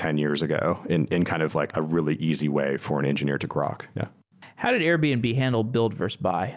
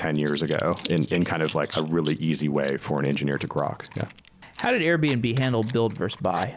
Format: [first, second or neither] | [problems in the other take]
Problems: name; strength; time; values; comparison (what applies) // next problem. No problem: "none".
first | background sound (Coin (dropping) / Zipper (clothing)); 18 dB below the speech